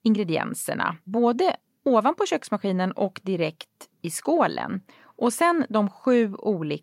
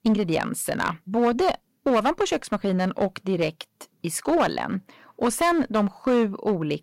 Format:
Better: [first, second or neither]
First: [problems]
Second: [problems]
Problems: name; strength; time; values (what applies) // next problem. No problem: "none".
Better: first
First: none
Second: distortion; slight; 8% of the sound clipped